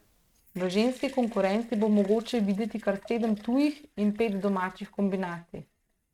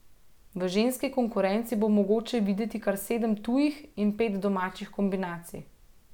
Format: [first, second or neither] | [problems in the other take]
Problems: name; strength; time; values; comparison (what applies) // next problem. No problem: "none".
second | noise reduction (neural mask model RNNoise)